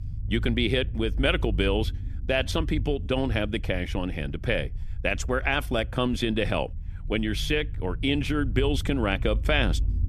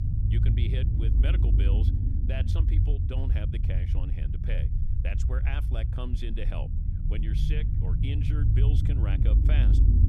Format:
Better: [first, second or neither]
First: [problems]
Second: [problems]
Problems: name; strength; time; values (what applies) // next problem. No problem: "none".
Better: first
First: low rumble; faint; throughout; 25 dB below the speech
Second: low rumble; loud; throughout; 1 dB below the speech